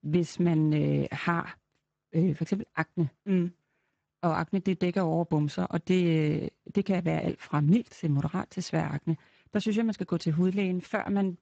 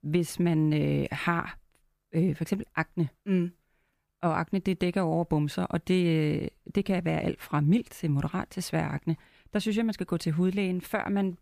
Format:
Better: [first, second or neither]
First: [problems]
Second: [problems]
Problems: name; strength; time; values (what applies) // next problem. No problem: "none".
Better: second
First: garbled, watery; badly; nothing above 8 kHz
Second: none